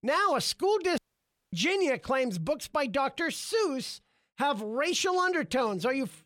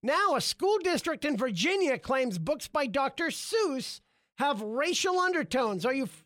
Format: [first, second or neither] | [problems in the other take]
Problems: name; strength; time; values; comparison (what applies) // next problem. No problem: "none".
second | audio cutting out; at 1 s for 0.5 s